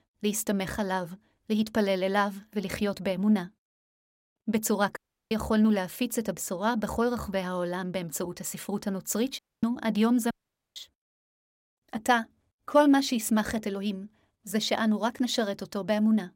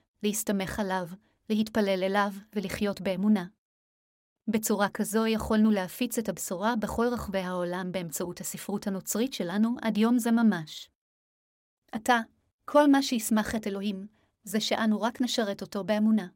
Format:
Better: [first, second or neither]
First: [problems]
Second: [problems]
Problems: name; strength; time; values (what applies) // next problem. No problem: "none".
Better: second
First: audio cutting out; at 5 s, at 9.5 s and at 10 s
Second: none